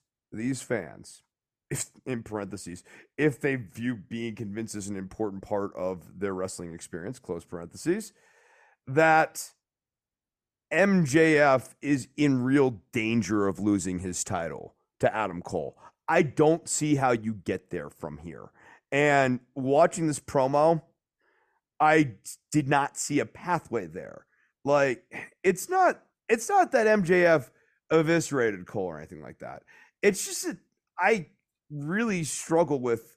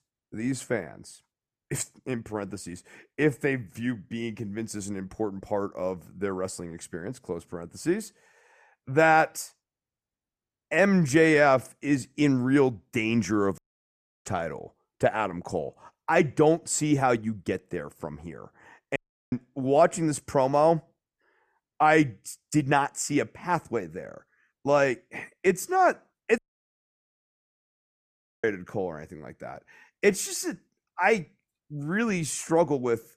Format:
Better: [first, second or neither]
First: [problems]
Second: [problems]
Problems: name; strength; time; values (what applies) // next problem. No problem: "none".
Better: first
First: none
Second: audio cutting out; at 14 s for 0.5 s, at 19 s and at 26 s for 2 s